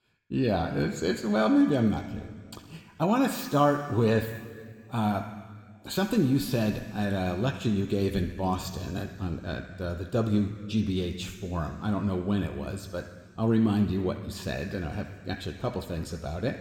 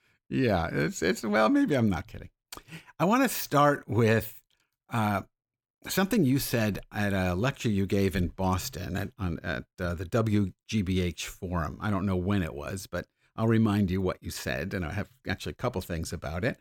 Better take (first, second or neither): second